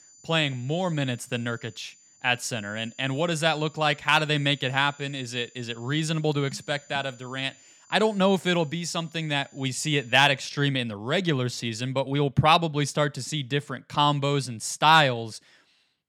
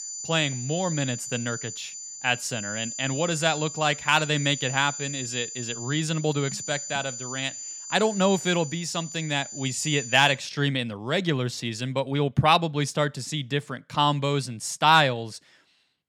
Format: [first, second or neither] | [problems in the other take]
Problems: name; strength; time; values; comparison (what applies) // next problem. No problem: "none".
first | high-pitched whine; loud; until 10 s; 7 kHz, 9 dB below the speech; faint in the first